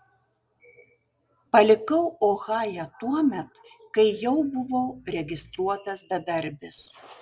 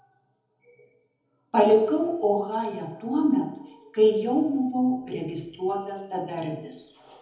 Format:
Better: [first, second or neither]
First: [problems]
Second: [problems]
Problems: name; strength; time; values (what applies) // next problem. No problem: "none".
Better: first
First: none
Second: room echo; dies away in 1 s